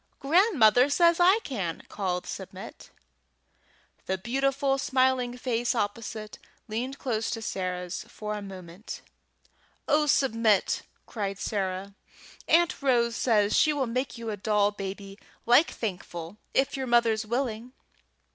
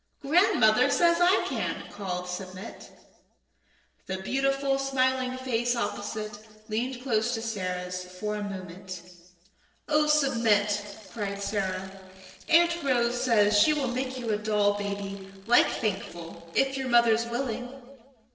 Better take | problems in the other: first | noise reduction (neural separator model SepFormer DNS4)

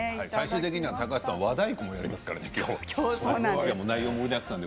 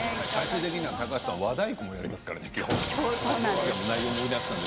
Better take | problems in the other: first | background sound (Sawing); 5 dB below the speech

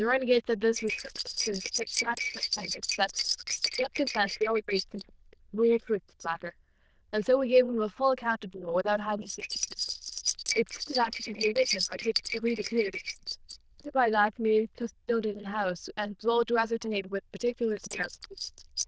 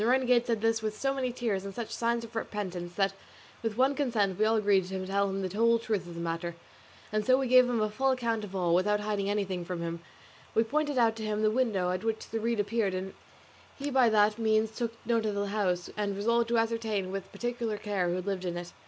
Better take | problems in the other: second | noise reduction (neural diffusion model UNIVERSE++)

